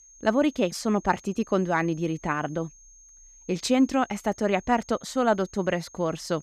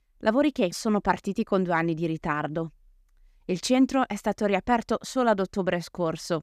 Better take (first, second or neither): second